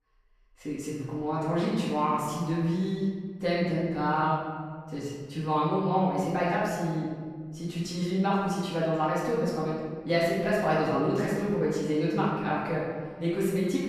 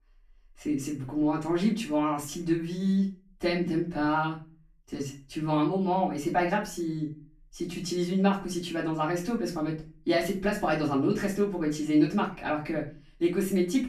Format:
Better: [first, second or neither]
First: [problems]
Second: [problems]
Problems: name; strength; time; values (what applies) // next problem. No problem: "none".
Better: second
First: room echo; strong; dies away in 1.6 s // off-mic speech; far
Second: room echo; slight; dies away in 0.3 s // off-mic speech; far